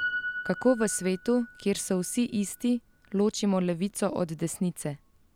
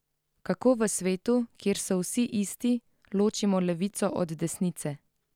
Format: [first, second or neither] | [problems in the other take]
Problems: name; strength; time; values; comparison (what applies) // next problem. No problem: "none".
second | background sound (Piano); 12 dB below the speech